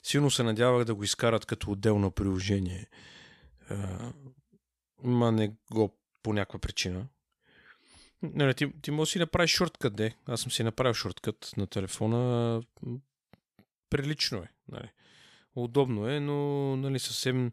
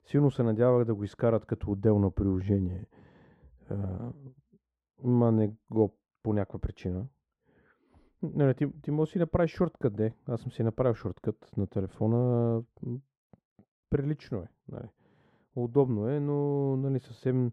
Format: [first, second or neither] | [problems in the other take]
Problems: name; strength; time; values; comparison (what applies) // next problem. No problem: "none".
first | muffled; very; fading above 2 kHz